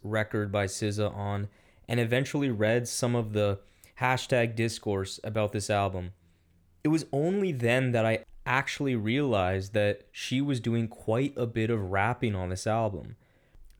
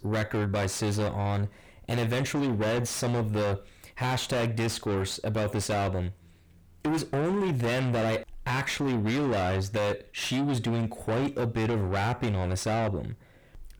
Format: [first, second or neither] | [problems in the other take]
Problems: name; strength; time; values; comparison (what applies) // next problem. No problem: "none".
first | distortion; heavy; 6 dB below the speech